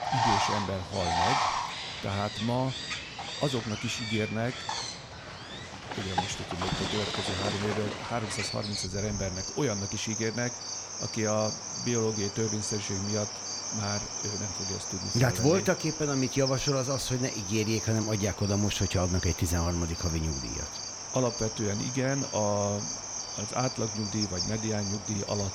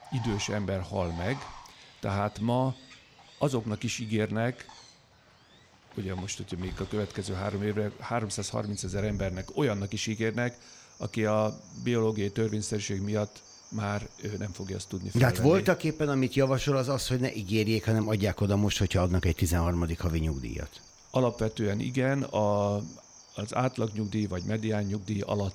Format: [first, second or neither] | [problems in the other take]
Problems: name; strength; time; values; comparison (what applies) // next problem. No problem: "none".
second | animal sounds; loud; throughout; 2 dB below the speech; faint in the second